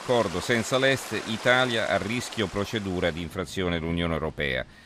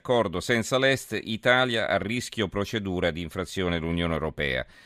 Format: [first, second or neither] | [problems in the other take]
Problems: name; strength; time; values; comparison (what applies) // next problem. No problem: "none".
second | rain or running water; noticeable; throughout; 15 dB below the speech